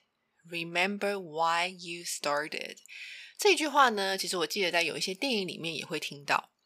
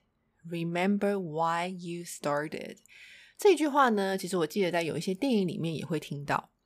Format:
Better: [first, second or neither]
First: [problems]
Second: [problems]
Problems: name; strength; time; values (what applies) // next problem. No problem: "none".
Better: second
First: thin; somewhat; fading below 750 Hz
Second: none